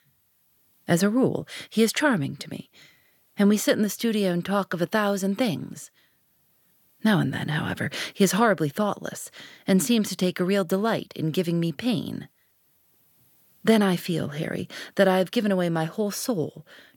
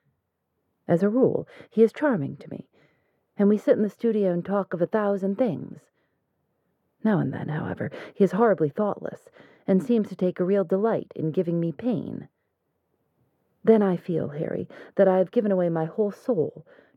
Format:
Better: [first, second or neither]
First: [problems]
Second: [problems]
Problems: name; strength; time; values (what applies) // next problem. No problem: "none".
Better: first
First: none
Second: muffled; very; fading above 2.5 kHz